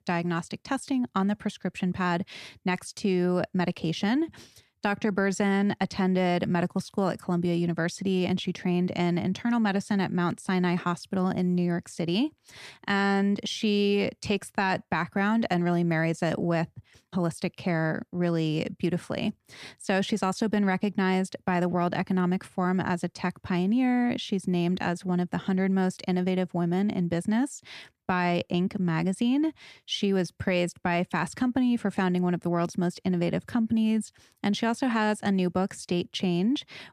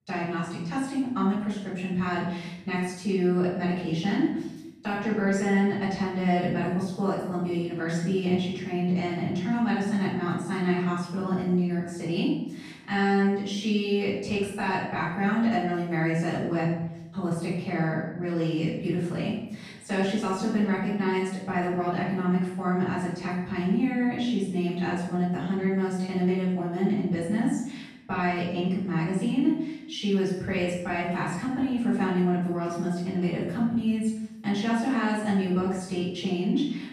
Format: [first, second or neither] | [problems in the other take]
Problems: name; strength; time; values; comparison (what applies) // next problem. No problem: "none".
first | off-mic speech; far // room echo; strong; dies away in 0.8 s